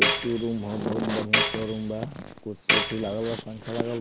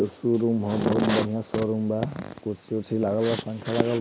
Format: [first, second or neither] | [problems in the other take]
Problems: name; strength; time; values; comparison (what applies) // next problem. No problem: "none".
second | background sound (Tambourine); 1 dB above the speech